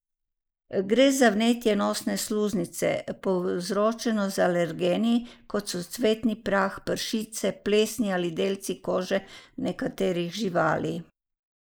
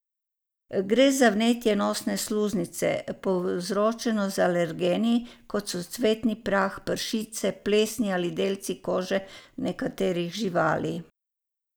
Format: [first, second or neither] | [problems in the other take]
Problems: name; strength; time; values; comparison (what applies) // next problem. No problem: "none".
second | noise reduction (neural mask model Resemble Enhance denoiser)